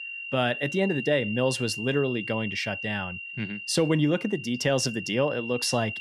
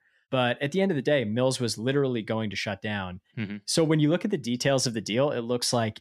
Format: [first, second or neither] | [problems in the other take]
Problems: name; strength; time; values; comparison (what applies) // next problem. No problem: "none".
second | high-pitched whine; loud; throughout; 3 kHz, 7 dB below the speech